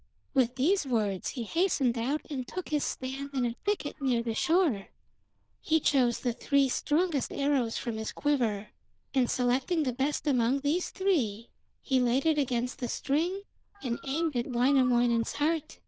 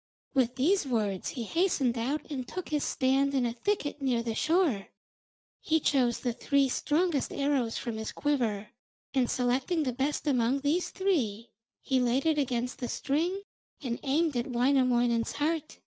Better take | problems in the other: second | noise reduction (neural diffusion model UNIVERSE++)

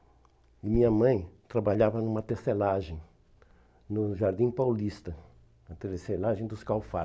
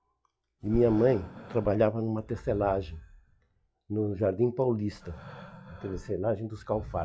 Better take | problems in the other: first | noise reduction (classical method log-MMSE)

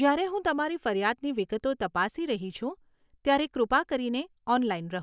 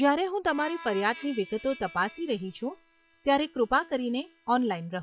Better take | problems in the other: first | noise reduction (classical method log-MMSE)

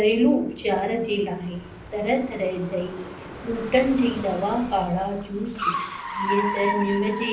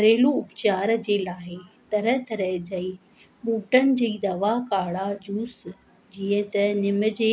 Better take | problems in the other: second | background sound (Car); 8 dB below the speech // room echo; dies away in 0.6 s

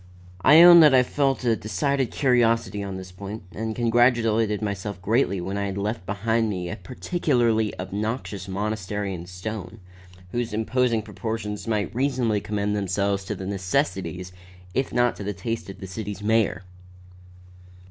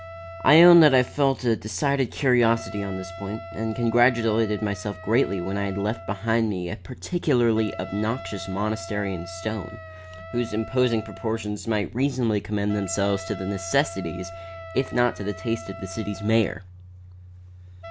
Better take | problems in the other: first | background sound (Wind instrument, woodwind instrument); 16 dB below the speech

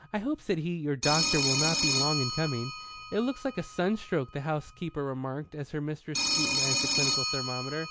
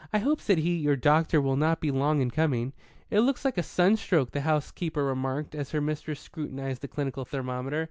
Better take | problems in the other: second | background sound (Telephone); as loud as the speech

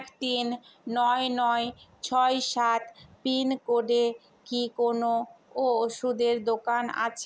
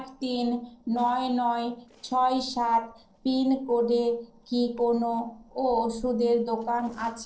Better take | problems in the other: first | noise reduction (neural separator model SepFormer DNS4)

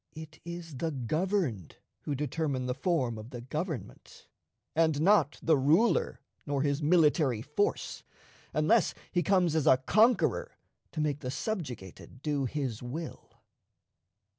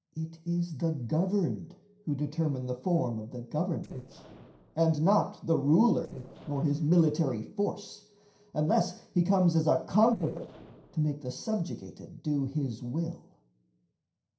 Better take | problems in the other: first | noise reduction (neural separator model SepFormer DNS4)

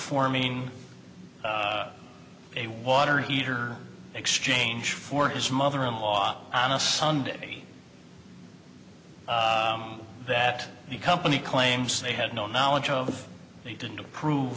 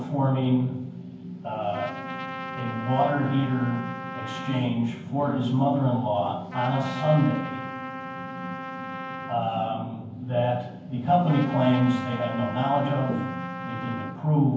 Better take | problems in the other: first | background sound (Trumpet); 12 dB below the speech // room echo; dies away in 0.9 s

